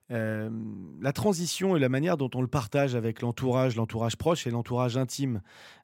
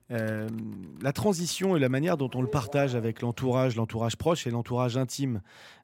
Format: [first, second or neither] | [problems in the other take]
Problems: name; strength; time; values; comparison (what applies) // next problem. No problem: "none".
first | household noises; noticeable; throughout; 20 dB below the speech